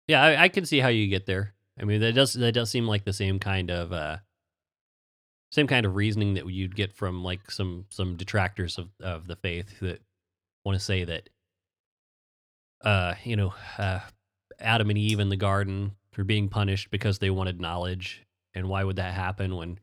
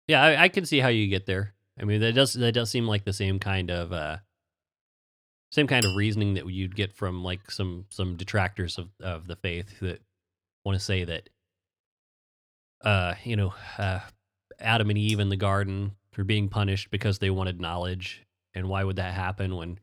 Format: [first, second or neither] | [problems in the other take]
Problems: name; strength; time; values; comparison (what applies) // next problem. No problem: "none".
first | clattering dishes; noticeable; at 6 s; peak 3 dB below the speech